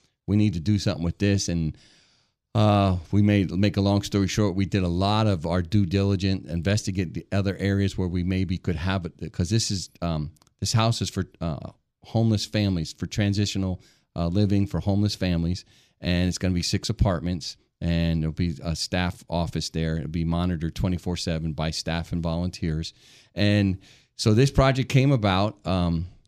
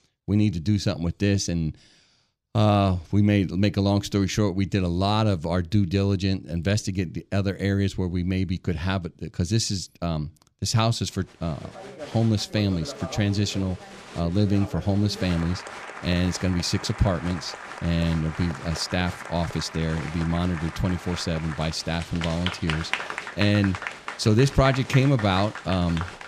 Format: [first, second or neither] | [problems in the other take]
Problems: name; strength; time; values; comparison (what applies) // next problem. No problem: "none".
first | crowd noise; noticeable; from 11 s on; 10 dB below the speech